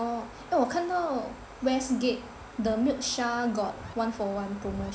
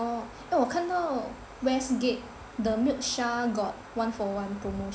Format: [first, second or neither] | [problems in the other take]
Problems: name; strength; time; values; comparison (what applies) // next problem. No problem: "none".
second | background sound (Zipper (clothing)); 15 dB below the speech